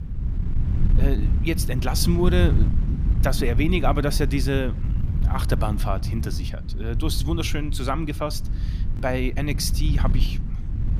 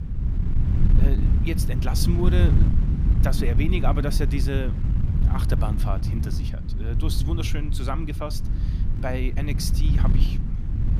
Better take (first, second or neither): first